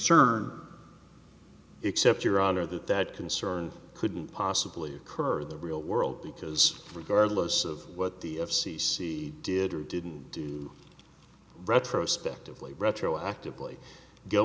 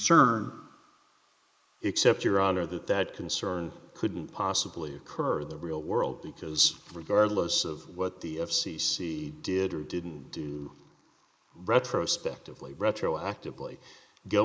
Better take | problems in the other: first | noise reduction (neural mask model Resemble Enhance denoiser)

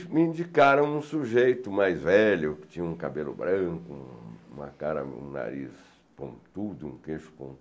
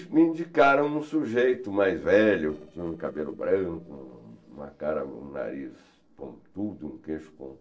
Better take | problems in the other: first | noise reduction (neural separator model SepFormer DNS4)

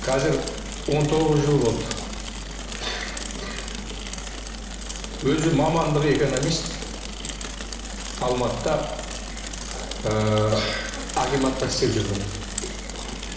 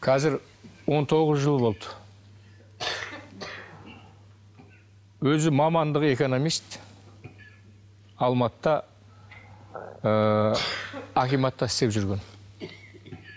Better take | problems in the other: second | background sound (Mechanisms / Bicycle); 7 dB below the speech // room echo; dies away in 1 s

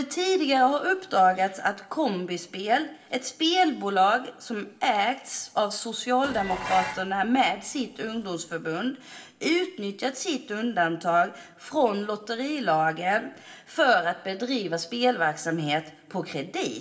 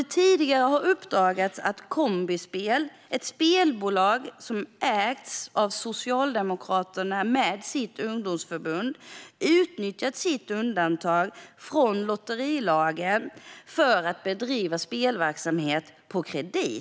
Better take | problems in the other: second | background sound (Dishes, pots, and pans); 11 dB below the speech // room echo; dies away in 0.7 s

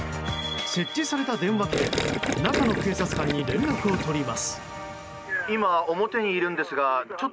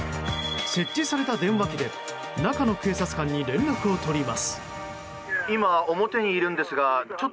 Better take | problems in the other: second | background sound (Gurgling); 2 dB below the speech

